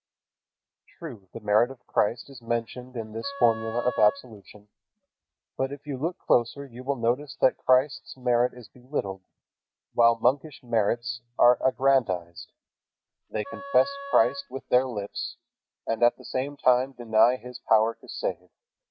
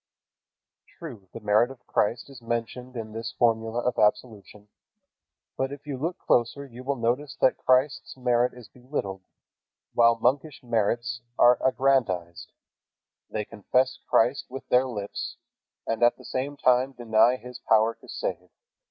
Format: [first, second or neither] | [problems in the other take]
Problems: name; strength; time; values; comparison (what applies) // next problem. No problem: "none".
second | background sound (Wind instrument, woodwind instrument); 14 dB below the speech